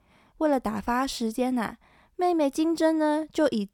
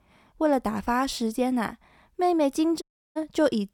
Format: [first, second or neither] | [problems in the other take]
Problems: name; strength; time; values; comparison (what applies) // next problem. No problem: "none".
first | audio cutting out; at 3 s